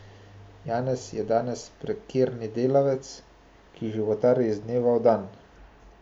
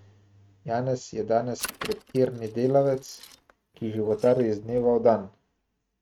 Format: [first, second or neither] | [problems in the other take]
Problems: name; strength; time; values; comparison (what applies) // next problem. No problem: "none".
first | noise reduction (neural mask model RNNoise)